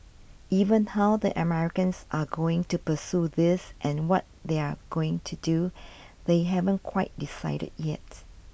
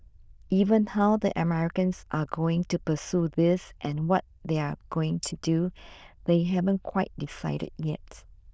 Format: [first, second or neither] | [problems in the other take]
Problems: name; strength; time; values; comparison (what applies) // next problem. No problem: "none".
first | noise reduction (neural diffusion model UNIVERSE++)